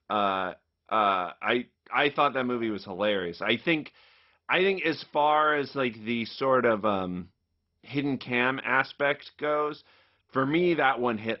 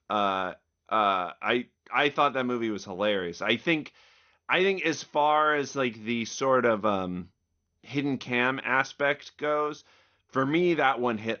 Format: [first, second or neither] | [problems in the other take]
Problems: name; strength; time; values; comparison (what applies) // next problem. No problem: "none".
second | garbled, watery; badly; nothing above 5.5 kHz; slightly in the second